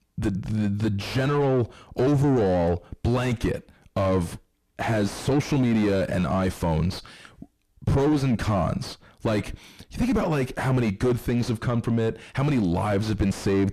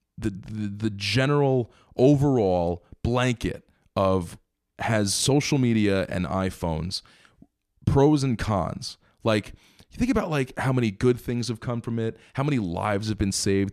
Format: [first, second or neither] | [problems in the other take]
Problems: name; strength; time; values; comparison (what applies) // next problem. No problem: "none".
second | distortion; heavy; 5 dB below the speech